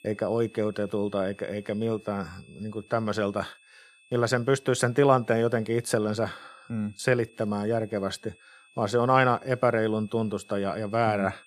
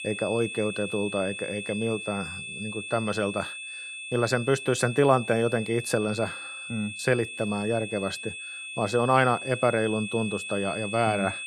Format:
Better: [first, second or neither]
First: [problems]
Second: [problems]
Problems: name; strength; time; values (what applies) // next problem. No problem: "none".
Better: first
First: high-pitched whine; faint; throughout; 2.5 kHz, 30 dB below the speech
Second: high-pitched whine; loud; throughout; 2.5 kHz, 8 dB below the speech